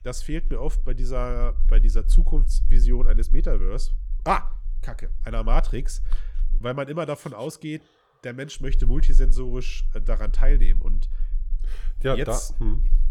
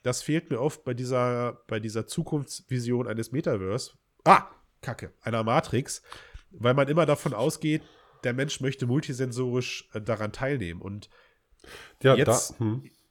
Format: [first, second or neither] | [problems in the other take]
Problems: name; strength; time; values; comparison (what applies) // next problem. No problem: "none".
second | low rumble; faint; until 6.5 s and from 8.5 s on; 25 dB below the speech